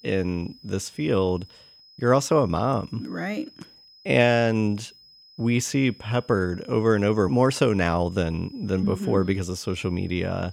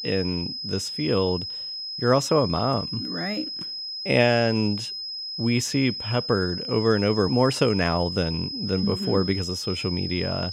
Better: first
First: high-pitched whine; faint; throughout; 5 kHz, 25 dB below the speech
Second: high-pitched whine; loud; throughout; 5 kHz, 6 dB below the speech

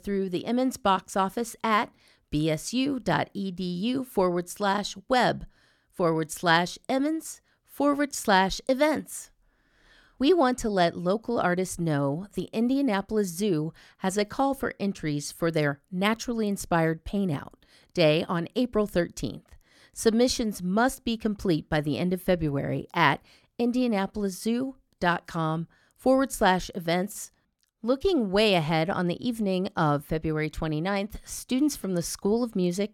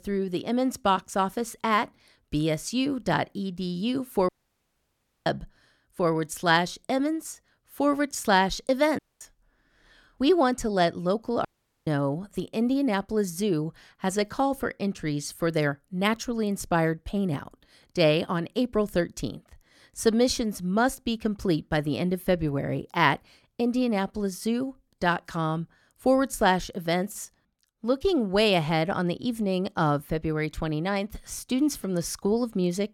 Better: first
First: none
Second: audio cutting out; at 4.5 s for 1 s, at 9 s and at 11 s

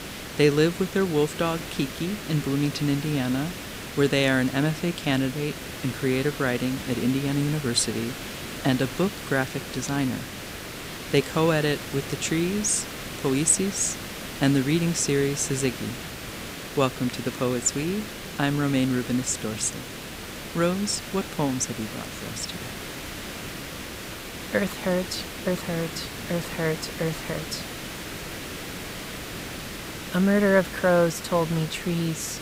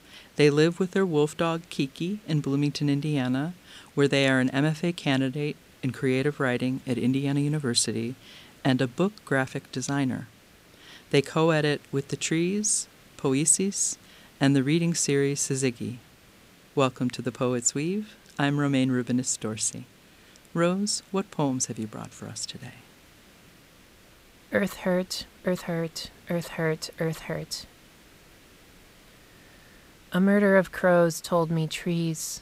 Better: second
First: hiss; loud; throughout; 9 dB below the speech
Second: hiss; faint; throughout; 25 dB below the speech

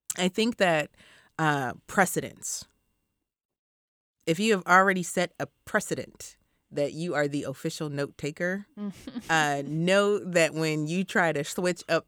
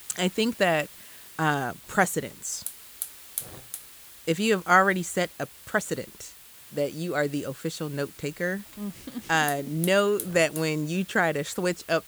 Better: first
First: none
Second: hiss; noticeable; throughout; 15 dB below the speech

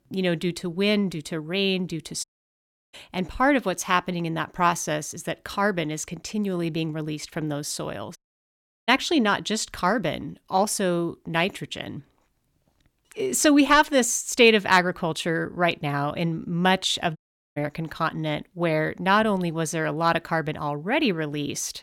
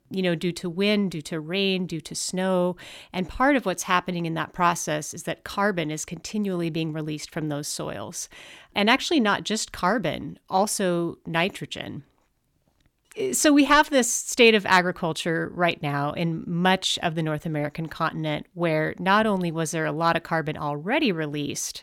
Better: second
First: audio cutting out; at 2 s for 0.5 s, at 8 s for 0.5 s and at 17 s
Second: none

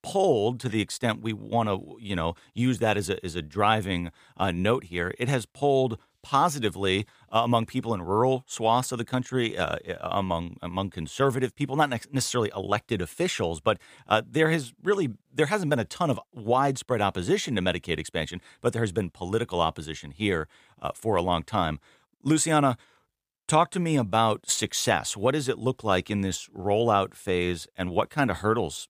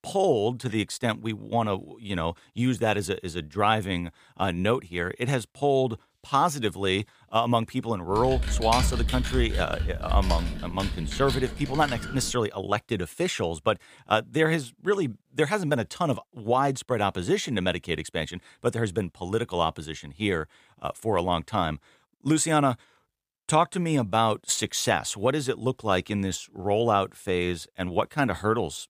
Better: first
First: none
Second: keyboard typing; loud; from 8 to 12 s; peak level with the speech

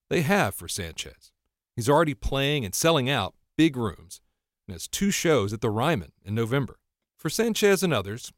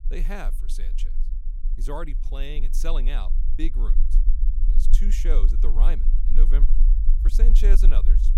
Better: first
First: none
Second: low rumble; noticeable; throughout; 10 dB below the speech

